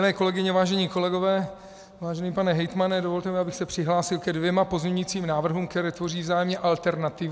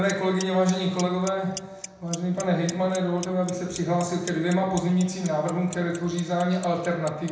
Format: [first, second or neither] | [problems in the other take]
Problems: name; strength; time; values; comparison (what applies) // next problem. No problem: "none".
first | background sound (Clock); 17 dB below the speech // room echo; dies away in 0.8 s